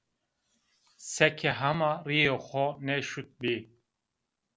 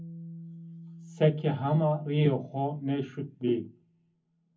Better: first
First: none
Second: background sound (Bass guitar); 18 dB below the speech // room echo; dies away in 0.3 s

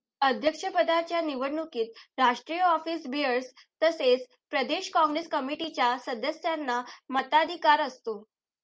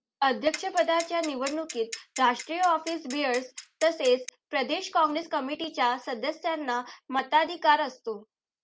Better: first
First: none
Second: background sound (Clock); 14 dB below the speech

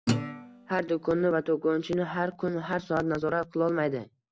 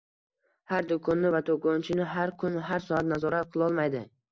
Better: second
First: background sound (Guitar); 5 dB below the speech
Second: none

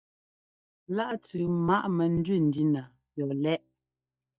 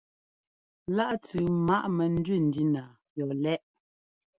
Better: second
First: noise reduction (neural mask model DeepFilterNet 3)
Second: none

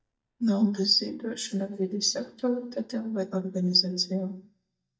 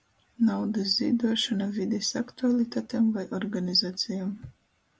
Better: second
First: noise reduction (neural mask model DeepFilterNet 3)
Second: none

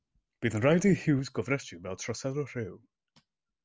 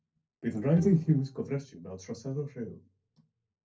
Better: first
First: none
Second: noise reduction (neural separator model SepFormer DNS4)

